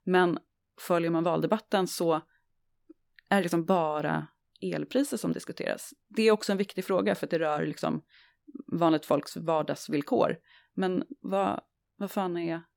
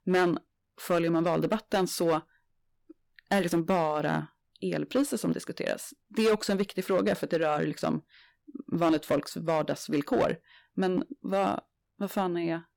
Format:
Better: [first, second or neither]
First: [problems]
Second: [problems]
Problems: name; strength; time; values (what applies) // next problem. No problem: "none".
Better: first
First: none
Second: distortion; slight; 4% of the sound clipped